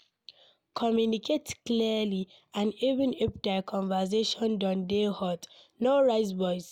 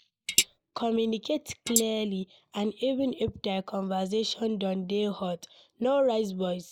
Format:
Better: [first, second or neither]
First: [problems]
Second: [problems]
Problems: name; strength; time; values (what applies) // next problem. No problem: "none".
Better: first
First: none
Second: noise reduction (neural mask model Resemble Enhance denoiser)